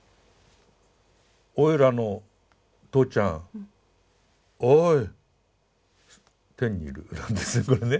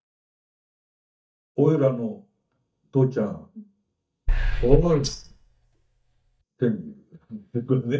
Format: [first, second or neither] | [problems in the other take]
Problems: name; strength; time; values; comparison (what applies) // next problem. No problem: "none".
first | noise reduction (neural mask model DeepFilterNet 3)